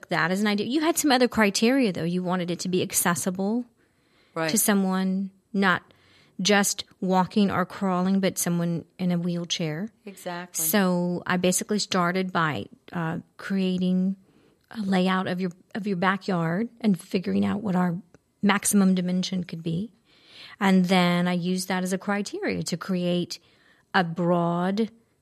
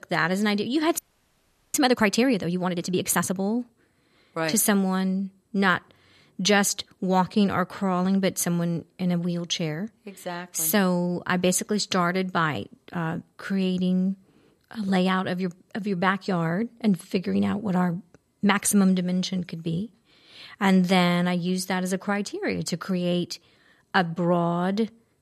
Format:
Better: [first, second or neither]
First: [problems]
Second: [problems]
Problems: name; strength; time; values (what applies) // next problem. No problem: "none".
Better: first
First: none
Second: audio freezing; at 1 s for 1 s